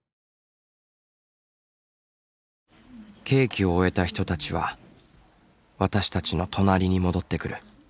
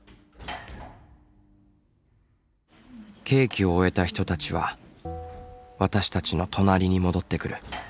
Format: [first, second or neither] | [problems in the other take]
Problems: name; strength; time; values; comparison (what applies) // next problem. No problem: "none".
first | background sound (Sliding door / Slam + Bell); 18 dB below the speech